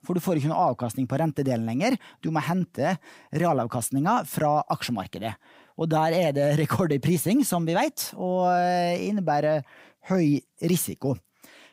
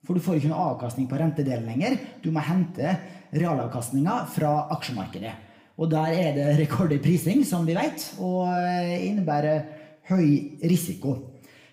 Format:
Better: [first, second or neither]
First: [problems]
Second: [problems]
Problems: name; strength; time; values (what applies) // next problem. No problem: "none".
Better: first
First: none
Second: room echo; very slight; dies away in 0.6 s